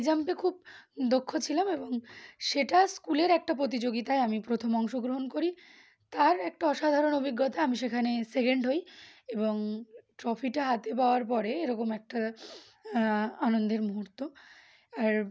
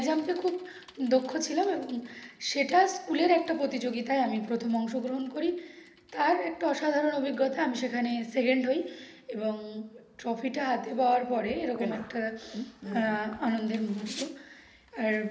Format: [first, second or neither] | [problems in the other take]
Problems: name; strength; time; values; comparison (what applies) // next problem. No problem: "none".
first | background sound (Bicycle); 19 dB below the speech // room echo; dies away in 0.8 s